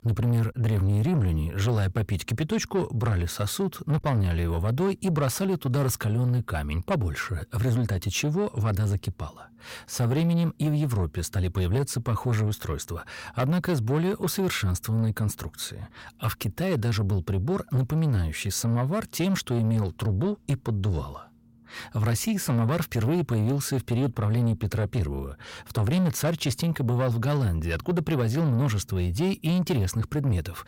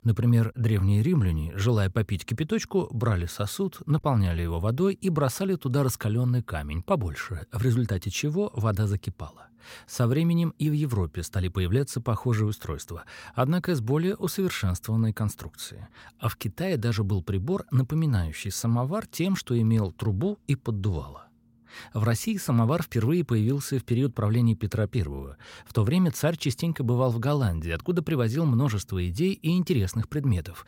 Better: second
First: distortion; slight; 10 dB below the speech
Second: none

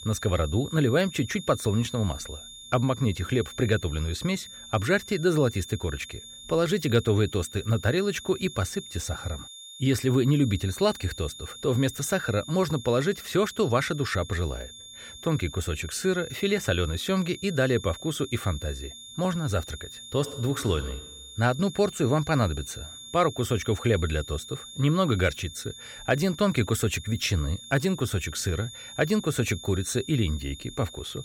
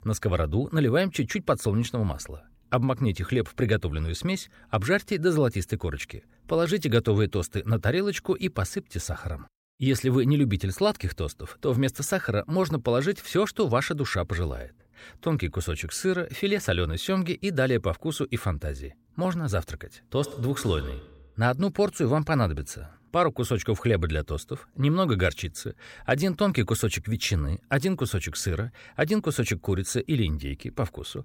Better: second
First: high-pitched whine; noticeable; throughout; 3.5 kHz, 15 dB below the speech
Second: none

